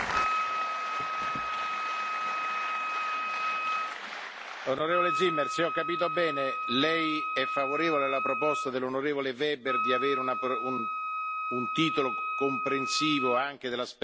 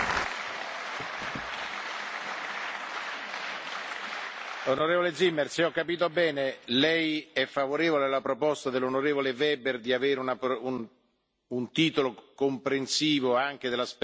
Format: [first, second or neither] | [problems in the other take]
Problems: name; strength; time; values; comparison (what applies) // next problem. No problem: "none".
second | background sound (Wind instrument, woodwind instrument); 1 dB below the speech